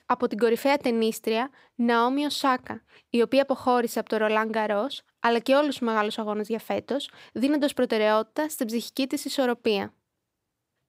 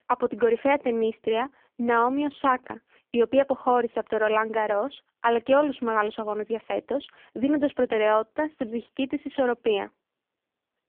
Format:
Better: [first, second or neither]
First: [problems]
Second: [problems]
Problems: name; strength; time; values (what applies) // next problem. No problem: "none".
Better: first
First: none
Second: phone-call audio; poor line